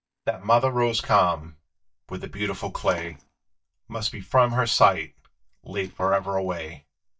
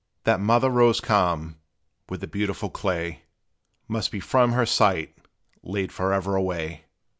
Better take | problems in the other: second | noise reduction (neural mask model DeepFilterNet 3)

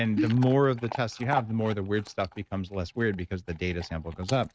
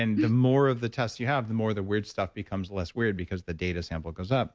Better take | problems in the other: second | noise reduction (neural mask model RNNoise)

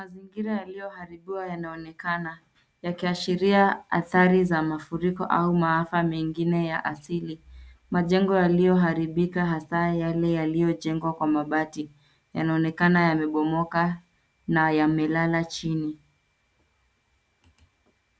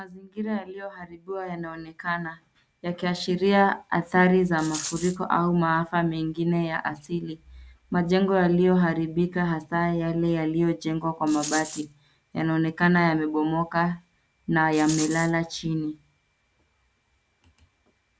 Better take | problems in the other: first | background sound (Rattle); 11 dB below the speech

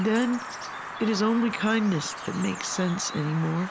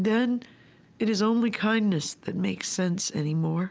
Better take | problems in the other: second | background sound (Bird vocalization, bird call, bird song); 10 dB below the speech

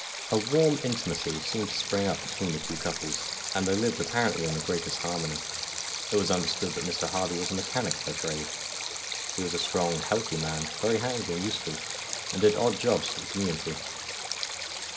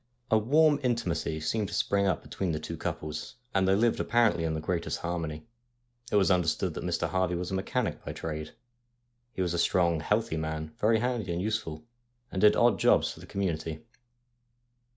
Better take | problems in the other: second | background sound (Stream); 4 dB below the speech // room echo; dies away in 3 s

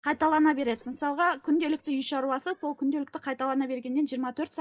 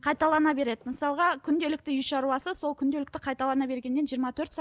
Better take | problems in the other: second | noise reduction (neural mask model DeepFilterNet 3)

